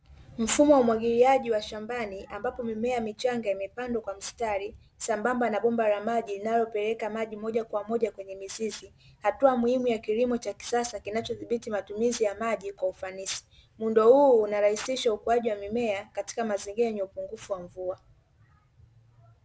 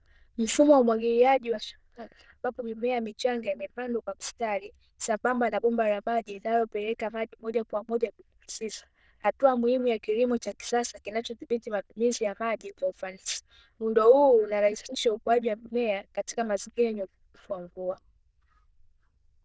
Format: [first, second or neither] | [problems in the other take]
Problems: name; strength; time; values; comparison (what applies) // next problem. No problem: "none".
first | noise reduction (neural diffusion model UNIVERSE++)